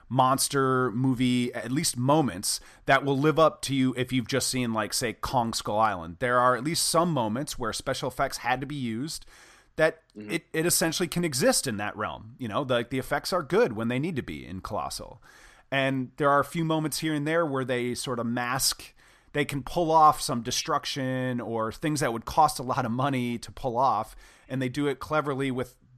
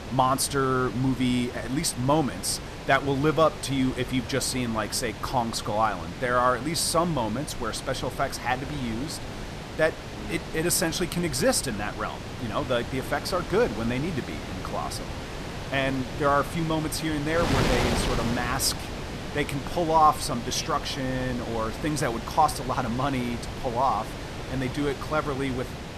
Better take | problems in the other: first | wind noise on the microphone; heavy; 10 dB below the speech

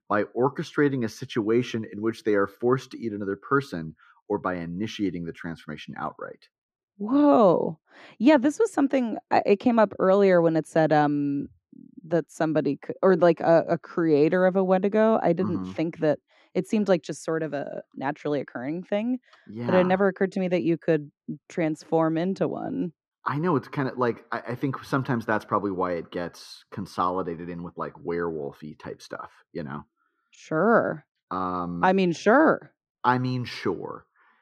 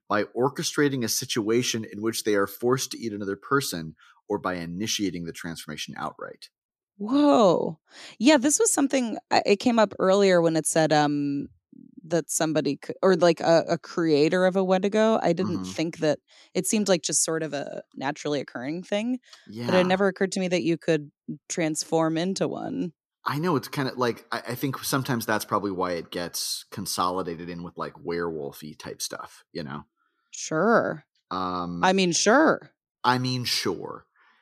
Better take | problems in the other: second | muffled; very; fading above 3.5 kHz

